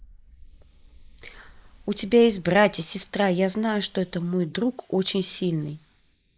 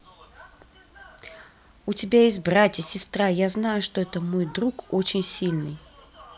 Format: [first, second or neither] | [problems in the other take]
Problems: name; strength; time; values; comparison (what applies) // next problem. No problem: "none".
second | noise reduction (neural mask model Resemble Enhance denoiser)